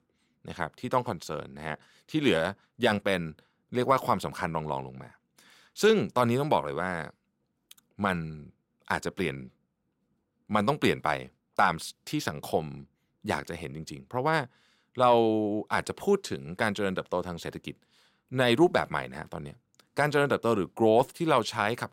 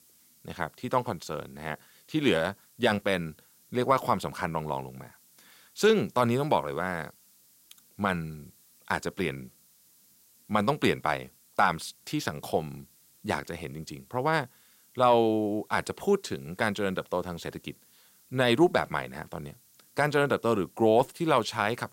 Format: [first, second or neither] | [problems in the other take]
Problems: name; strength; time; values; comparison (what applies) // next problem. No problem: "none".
first | hiss; faint; throughout; 30 dB below the speech